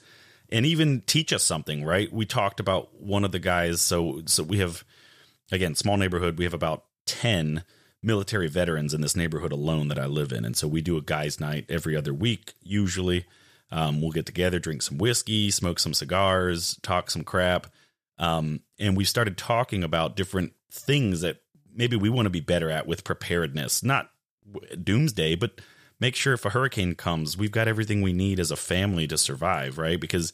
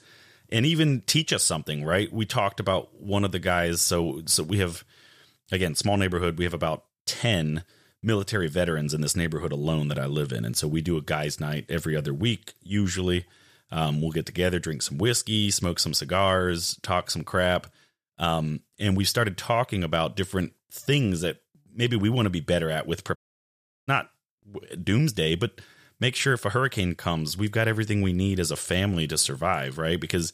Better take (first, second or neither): first